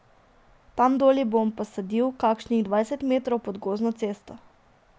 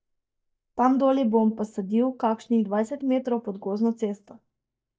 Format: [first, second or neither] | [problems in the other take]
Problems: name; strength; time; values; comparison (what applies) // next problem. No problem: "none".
first | noise reduction (neural mask model DeepFilterNet 3)